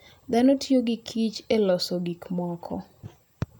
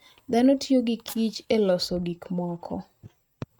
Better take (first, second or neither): first